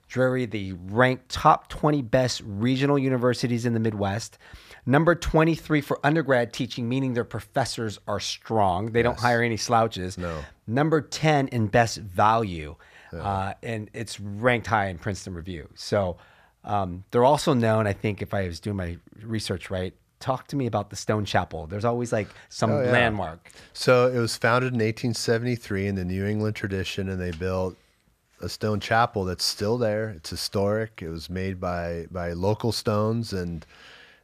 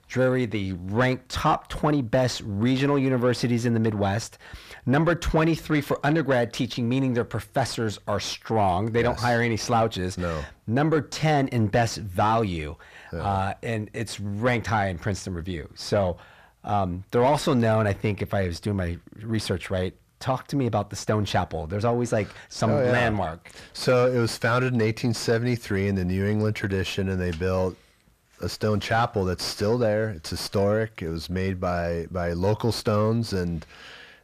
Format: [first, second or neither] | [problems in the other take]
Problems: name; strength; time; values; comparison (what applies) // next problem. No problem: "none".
first | distortion; slight; 10 dB below the speech